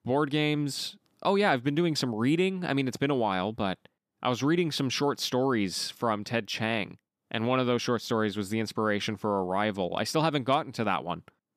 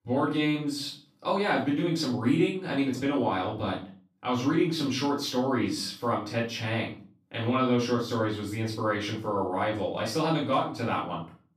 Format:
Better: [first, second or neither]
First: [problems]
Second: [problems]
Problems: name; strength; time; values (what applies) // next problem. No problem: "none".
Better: first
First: none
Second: off-mic speech; far // room echo; noticeable; dies away in 0.3 s